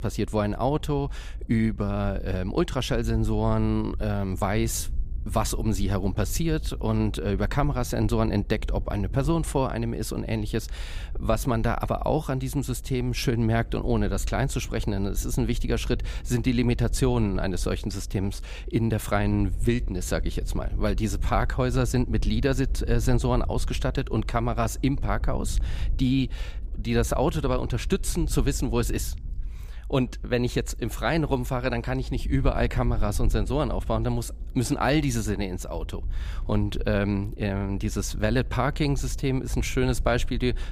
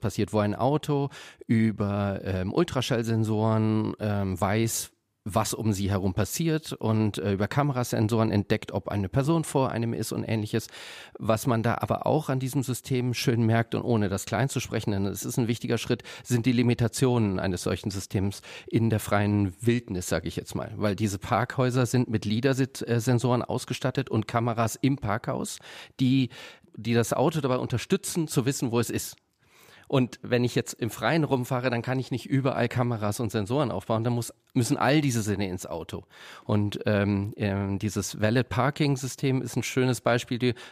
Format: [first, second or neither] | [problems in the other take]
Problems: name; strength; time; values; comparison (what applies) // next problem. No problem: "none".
second | low rumble; faint; throughout; 25 dB below the speech